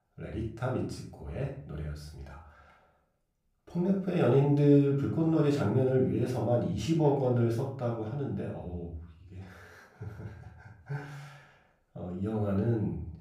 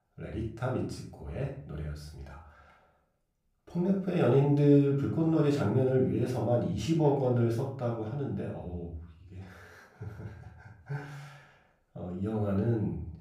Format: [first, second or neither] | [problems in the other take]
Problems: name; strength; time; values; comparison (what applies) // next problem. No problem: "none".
neither | off-mic speech; far; the same in both // room echo; noticeable; dies away in 0.4 s; the same in both